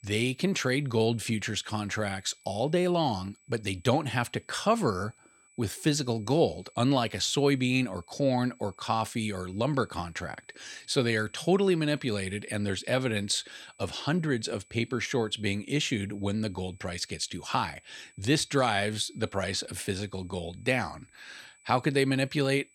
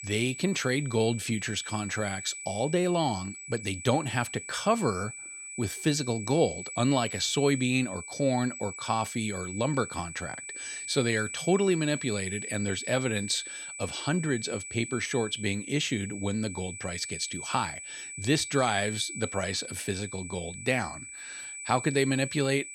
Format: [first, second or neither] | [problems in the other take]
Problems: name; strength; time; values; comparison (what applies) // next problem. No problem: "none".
first | high-pitched whine; loud; throughout; 2.5 kHz, 9 dB below the speech; faint in the first